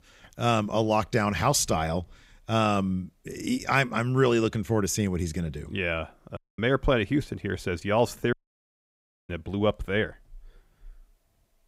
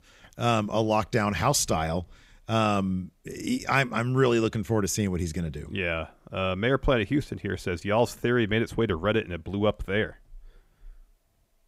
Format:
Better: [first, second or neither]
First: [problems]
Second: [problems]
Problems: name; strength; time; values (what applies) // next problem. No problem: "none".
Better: second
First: audio cutting out; at 6.5 s and at 8.5 s for 1 s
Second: none